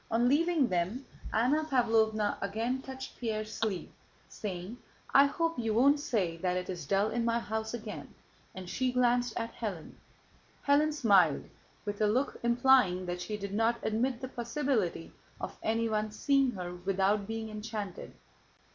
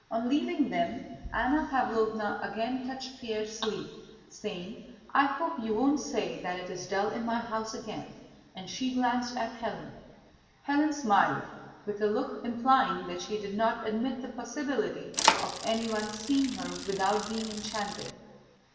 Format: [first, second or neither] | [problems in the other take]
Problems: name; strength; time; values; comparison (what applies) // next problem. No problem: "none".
first | background sound (Bicycle); 2 dB below the speech // room echo; dies away in 1.4 s